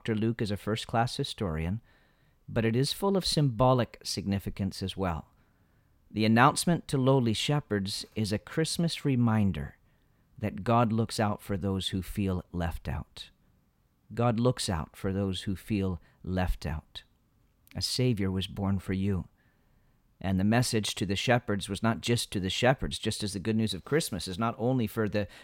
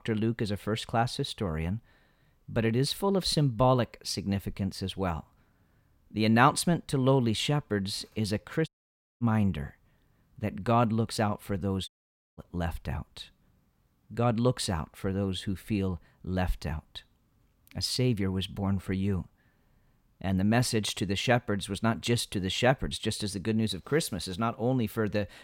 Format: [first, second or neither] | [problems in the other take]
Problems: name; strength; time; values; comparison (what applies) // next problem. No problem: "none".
first | audio cutting out; at 8.5 s for 0.5 s and at 12 s